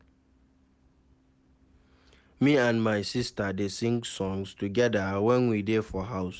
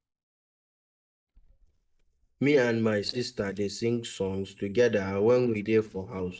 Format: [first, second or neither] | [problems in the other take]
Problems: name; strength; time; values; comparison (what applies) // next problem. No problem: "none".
first | noise reduction (neural mask model DeepFilterNet 3)